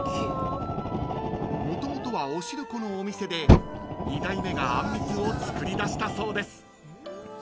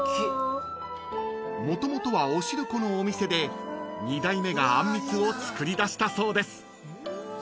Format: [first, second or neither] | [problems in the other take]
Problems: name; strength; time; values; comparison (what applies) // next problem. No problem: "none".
second | background sound (Fire); 3 dB above the speech